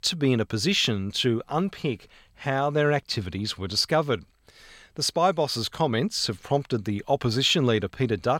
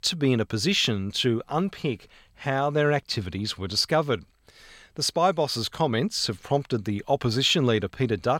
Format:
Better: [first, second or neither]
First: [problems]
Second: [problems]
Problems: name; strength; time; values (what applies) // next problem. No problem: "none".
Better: neither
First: none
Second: none